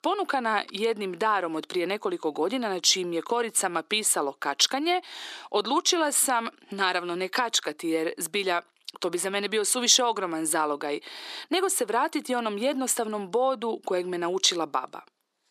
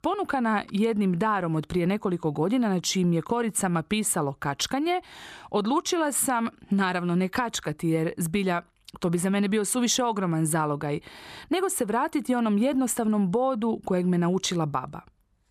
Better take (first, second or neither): second